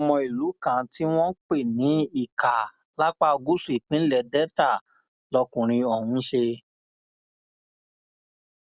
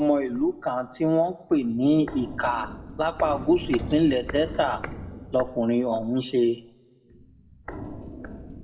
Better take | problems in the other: first | background sound (Walk, footsteps); 13 dB below the speech // room echo; dies away in 0.8 s

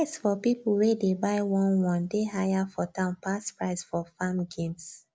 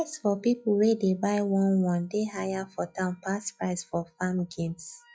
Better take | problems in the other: first | noise reduction (classical method log-MMSE)

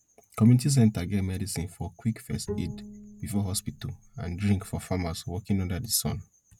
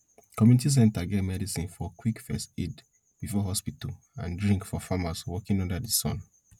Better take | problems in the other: second | background sound (Bowed string instrument); 14 dB below the speech

